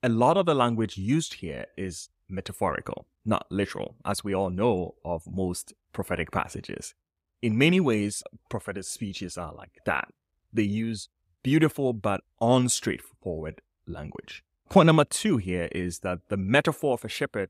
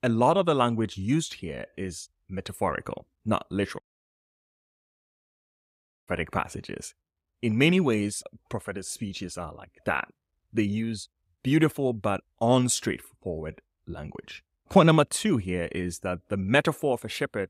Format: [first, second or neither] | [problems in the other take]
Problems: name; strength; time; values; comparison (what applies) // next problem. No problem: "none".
first | audio cutting out; at 4 s for 2.5 s